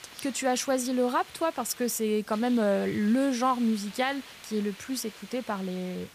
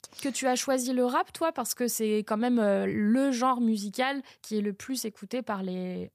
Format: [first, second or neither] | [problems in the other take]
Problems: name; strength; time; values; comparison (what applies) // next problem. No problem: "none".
second | hiss; noticeable; throughout; 20 dB below the speech